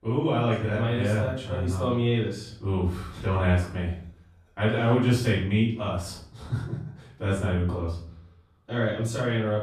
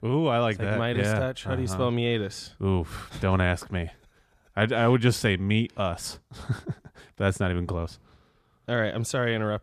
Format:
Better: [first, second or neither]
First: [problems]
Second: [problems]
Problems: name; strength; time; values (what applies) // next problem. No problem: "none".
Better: second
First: off-mic speech; far // room echo; noticeable; dies away in 0.5 s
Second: none